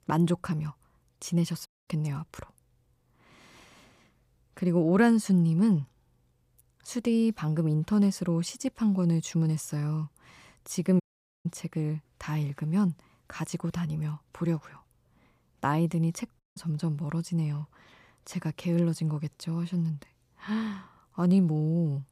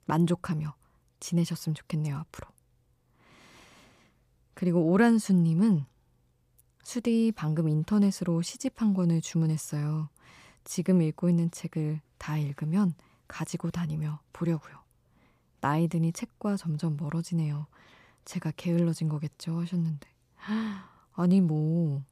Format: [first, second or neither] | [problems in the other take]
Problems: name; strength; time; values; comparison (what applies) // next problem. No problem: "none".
second | audio cutting out; at 1.5 s, at 11 s and at 16 s